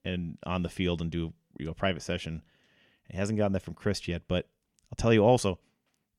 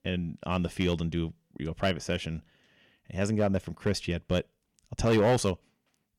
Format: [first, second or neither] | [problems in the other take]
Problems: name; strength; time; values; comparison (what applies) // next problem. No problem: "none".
first | distortion; slight; 2% of the sound clipped